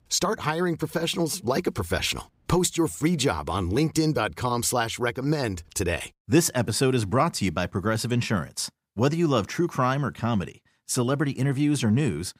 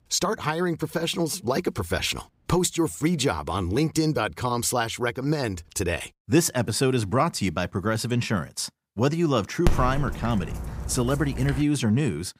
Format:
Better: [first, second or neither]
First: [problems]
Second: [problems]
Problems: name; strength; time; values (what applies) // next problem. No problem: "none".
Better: first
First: none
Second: dog barking; noticeable; from 9.5 to 12 s; peak 2 dB below the speech